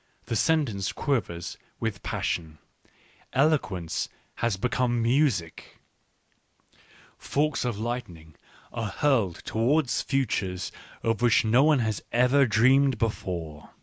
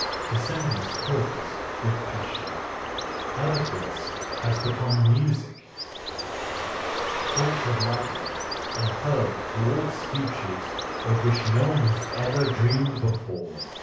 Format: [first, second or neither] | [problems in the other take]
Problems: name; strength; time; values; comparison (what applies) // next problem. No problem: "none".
first | background sound (Bird); 4 dB below the speech // room echo; dies away in 0.6 s